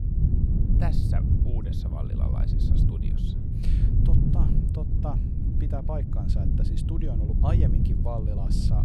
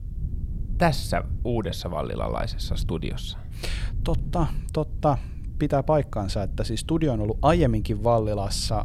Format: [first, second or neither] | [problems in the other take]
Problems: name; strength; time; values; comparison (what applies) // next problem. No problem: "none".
second | wind noise on the microphone; heavy; 2 dB above the speech; occasional gusts in the second